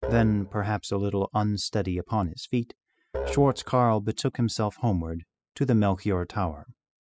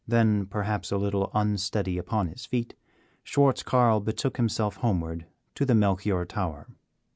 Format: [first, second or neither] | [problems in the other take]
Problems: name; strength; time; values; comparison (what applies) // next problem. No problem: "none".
second | noise reduction (classical method spectral subtraction)